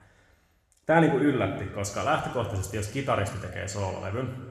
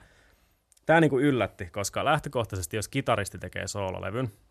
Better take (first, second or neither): second